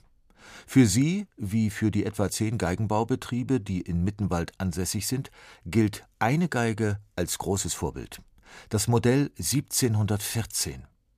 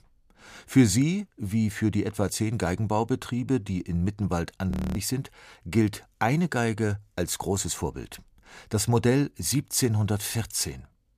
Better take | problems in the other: first | audio freezing; at 4.5 s

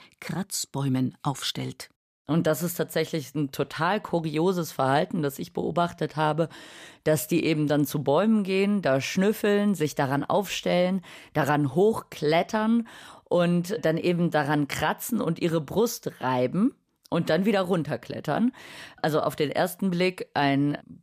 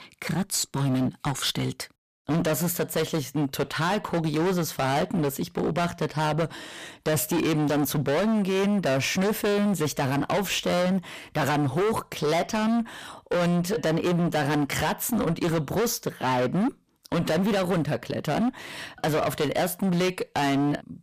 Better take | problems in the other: first | distortion; heavy; 26% of the sound clipped

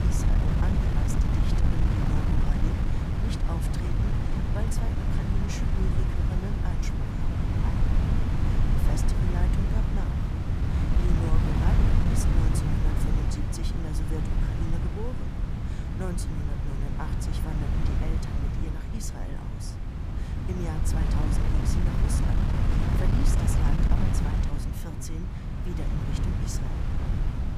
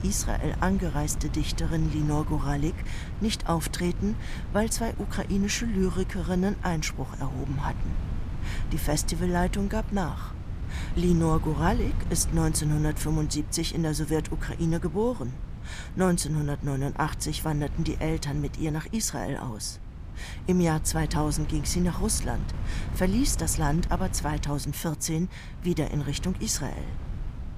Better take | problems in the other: second | wind noise on the microphone; heavy; 4 dB above the speech; occasional gusts in the second

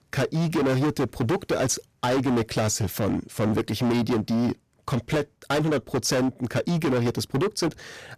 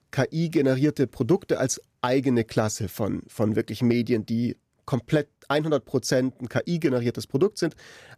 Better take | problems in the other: second | distortion; heavy; 24% of the sound clipped

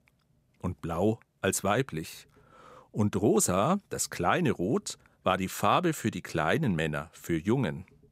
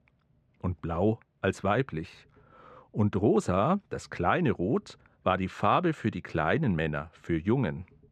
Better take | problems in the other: first | muffled; very; fading above 3 kHz

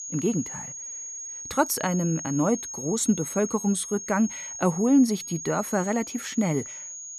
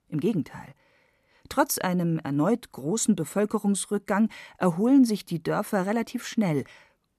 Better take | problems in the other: second | high-pitched whine; loud; throughout; 6.5 kHz, 9 dB below the speech

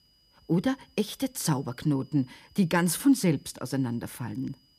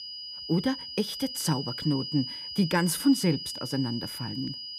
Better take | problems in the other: first | high-pitched whine; loud; throughout; 5 kHz, 7 dB below the speech; faint in the first

